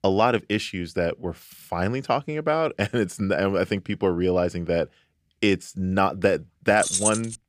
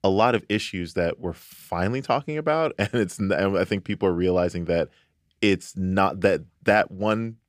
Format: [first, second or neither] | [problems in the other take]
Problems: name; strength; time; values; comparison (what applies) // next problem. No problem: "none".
second | jangling keys; loud; at 7 s; peak 2 dB above the speech